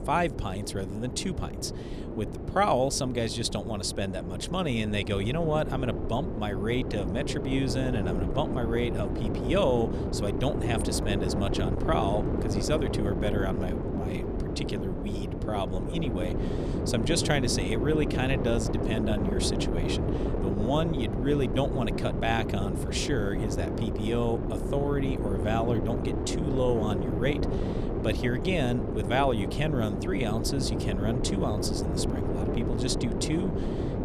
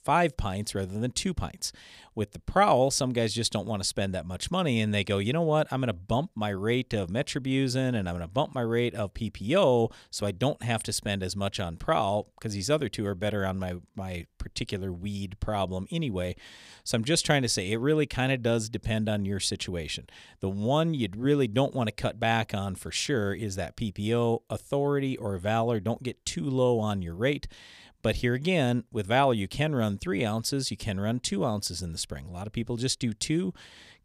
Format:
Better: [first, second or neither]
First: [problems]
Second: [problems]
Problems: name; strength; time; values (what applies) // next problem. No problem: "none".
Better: second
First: wind noise on the microphone; heavy; 4 dB below the speech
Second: none